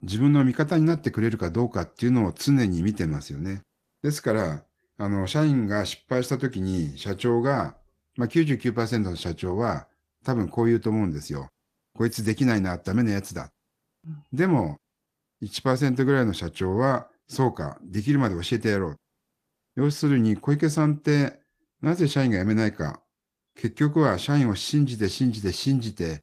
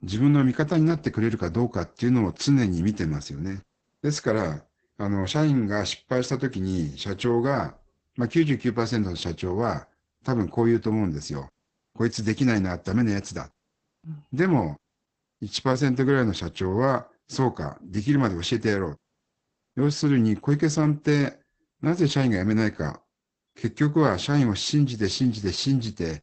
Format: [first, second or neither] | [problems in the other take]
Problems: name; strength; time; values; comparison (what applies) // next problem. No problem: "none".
first | garbled, watery; badly; nothing above 8 kHz; slightly in the first